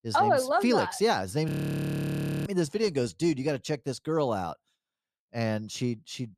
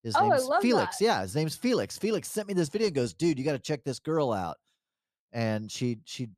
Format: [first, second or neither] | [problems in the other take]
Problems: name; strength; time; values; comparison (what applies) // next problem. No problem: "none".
second | audio freezing; at 1.5 s for 1 s